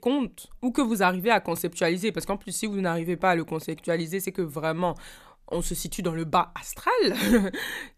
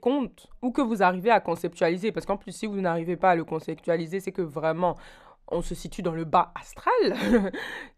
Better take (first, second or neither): first